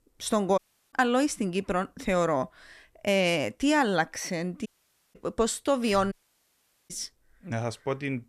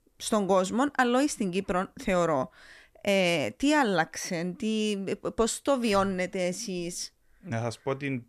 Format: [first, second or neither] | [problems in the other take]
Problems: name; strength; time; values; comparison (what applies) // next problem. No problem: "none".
second | audio cutting out; at 0.5 s, at 4.5 s and at 6 s for 1 s